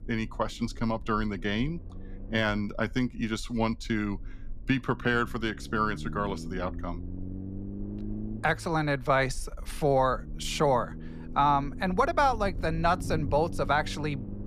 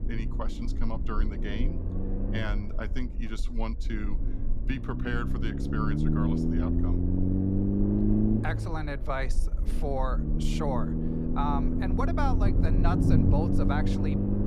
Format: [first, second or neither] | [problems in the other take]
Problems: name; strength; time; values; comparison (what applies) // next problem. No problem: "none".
first | low rumble; loud; throughout; as loud as the speech; faint in the first